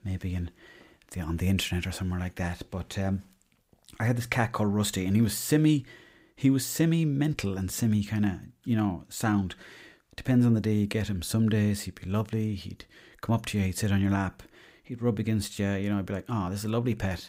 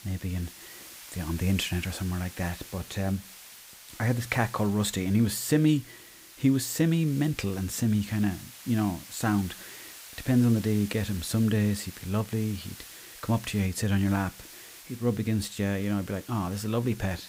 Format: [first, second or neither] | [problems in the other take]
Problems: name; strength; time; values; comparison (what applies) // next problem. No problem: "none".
first | hiss; noticeable; throughout; 15 dB below the speech